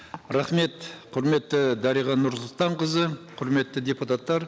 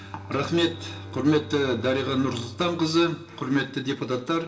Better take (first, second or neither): first